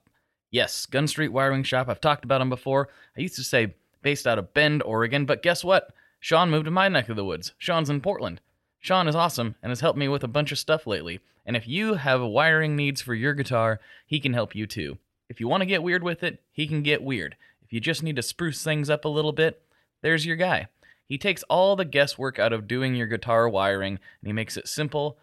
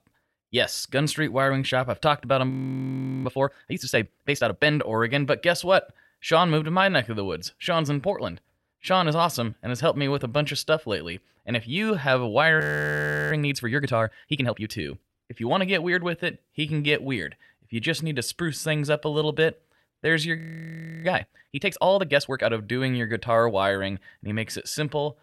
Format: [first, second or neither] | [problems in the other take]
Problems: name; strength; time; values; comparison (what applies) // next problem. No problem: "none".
first | audio freezing; at 2.5 s for 1 s, at 13 s for 0.5 s and at 20 s for 0.5 s